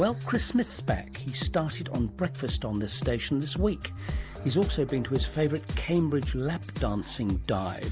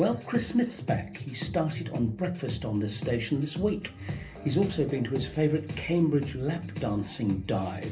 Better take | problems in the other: first | room echo; dies away in 0.3 s

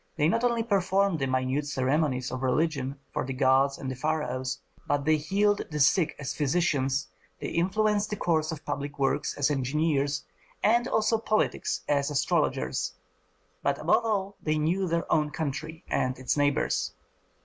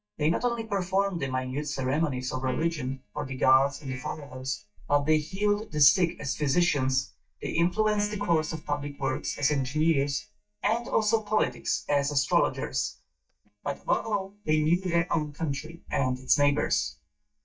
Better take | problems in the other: first | noise reduction (neural mask model DeepFilterNet 3)

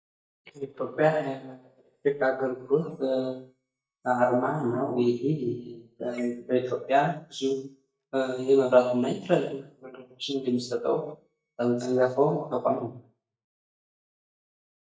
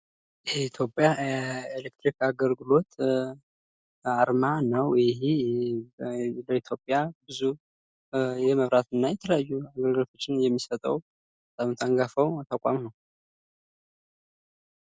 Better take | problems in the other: second | noise reduction (neural mask model DeepFilterNet 3)

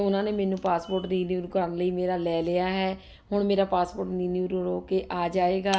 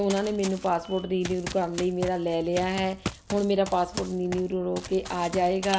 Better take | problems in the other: first | background sound (Run); 13 dB below the speech

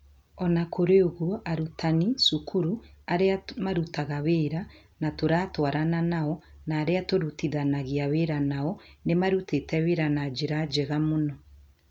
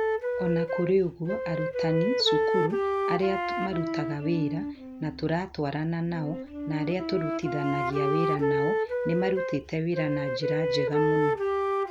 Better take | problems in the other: first | background sound (Wind instrument, woodwind instrument); 1 dB above the speech

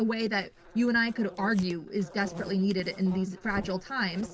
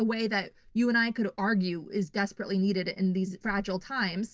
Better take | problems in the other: second | background sound (Insect); 16 dB below the speech

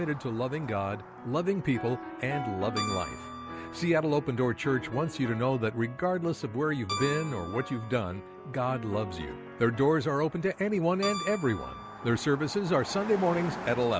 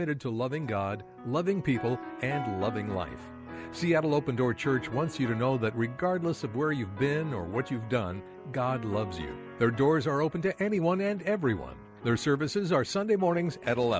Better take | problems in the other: second | background sound (Keyboard (musical) + Car passing by); 13 dB below the speech

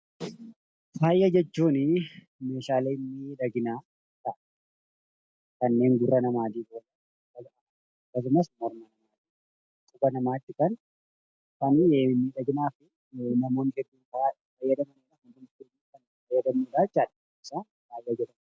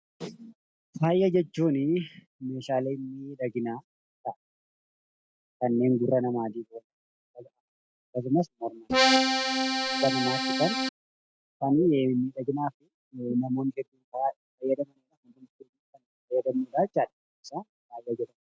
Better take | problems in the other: first | background sound (Accordion); 5 dB above the speech

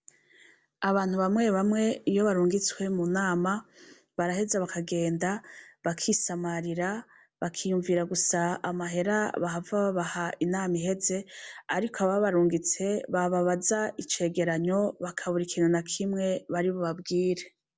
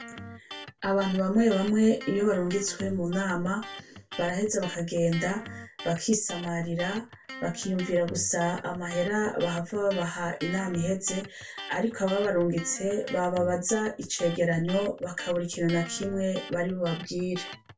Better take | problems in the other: first | background sound (Electric guitar); 14 dB below the speech // room echo; dies away in 0.2 s

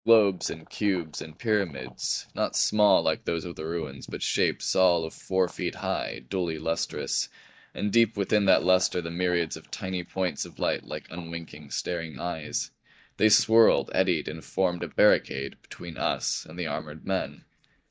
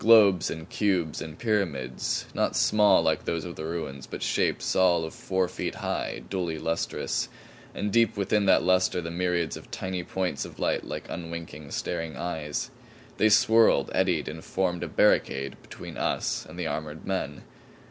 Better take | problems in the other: second | noise reduction (neural mask model DeepFilterNet 3)

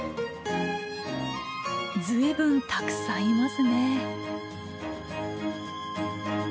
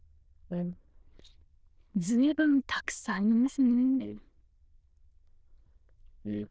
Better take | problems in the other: first | noise reduction (neural diffusion model UNIVERSE++)

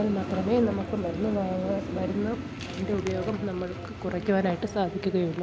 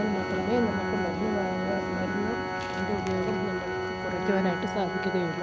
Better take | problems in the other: first | background sound (Organ); 1 dB below the speech

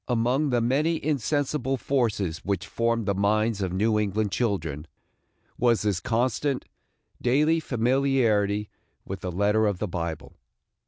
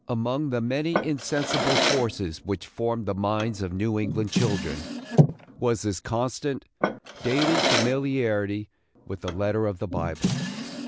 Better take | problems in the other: first | background sound (Drawer open or close); 2 dB below the speech

